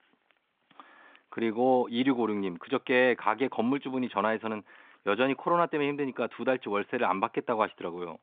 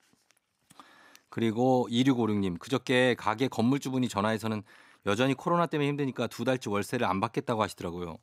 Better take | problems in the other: second | phone-call audio; nothing above 3.5 kHz

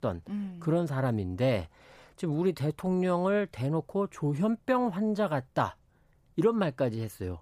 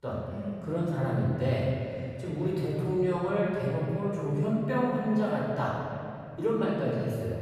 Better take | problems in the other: first | room echo; strong; dies away in 2.5 s // off-mic speech; far

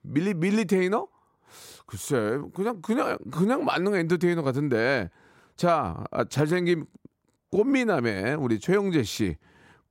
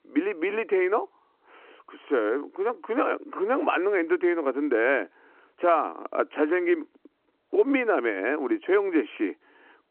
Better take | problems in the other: first | phone-call audio

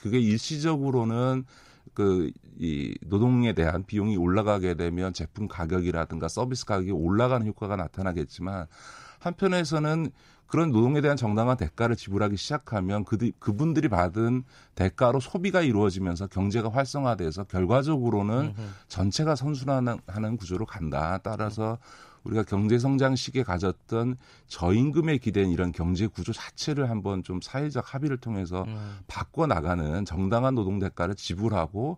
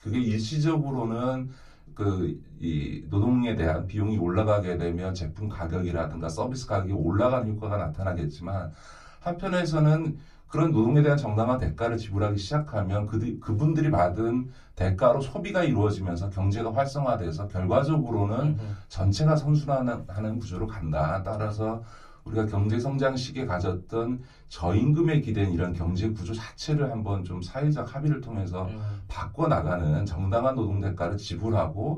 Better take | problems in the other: first | off-mic speech; far // room echo; very slight; dies away in 0.2 s

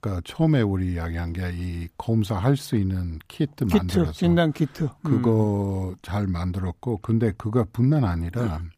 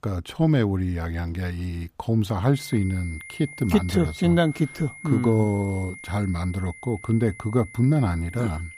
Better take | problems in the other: first | high-pitched whine; noticeable; from 2.5 s on; 2 kHz, 15 dB below the speech

